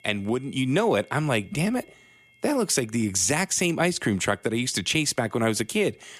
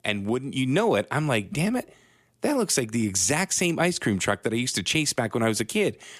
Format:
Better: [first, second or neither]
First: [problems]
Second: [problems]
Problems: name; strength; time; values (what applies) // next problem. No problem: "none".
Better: second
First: high-pitched whine; faint; throughout; 2 kHz, 30 dB below the speech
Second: none